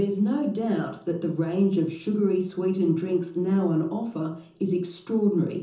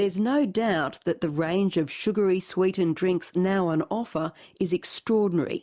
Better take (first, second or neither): second